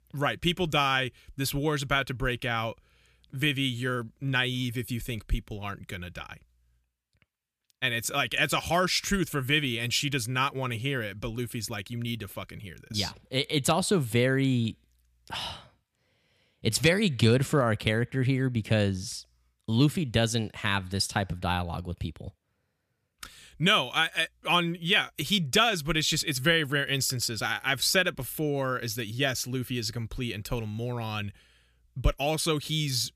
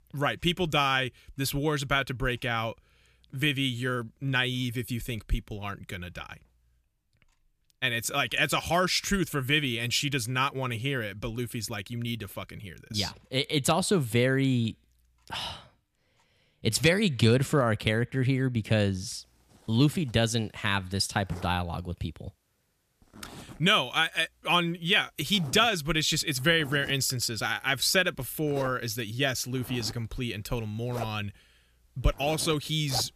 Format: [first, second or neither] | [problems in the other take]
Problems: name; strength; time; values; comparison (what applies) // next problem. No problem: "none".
first | household noises; noticeable; throughout; 20 dB below the speech